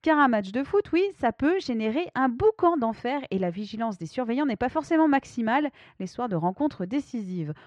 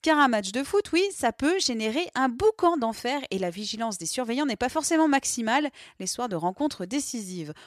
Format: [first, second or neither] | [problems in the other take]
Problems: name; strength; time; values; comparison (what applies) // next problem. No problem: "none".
second | muffled; very; fading above 2 kHz